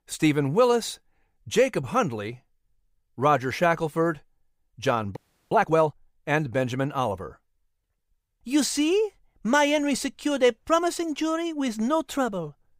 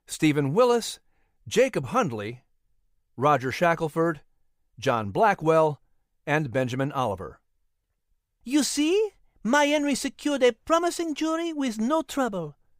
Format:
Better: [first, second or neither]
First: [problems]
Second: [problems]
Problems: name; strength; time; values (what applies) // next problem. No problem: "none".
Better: second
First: audio freezing; at 5 s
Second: none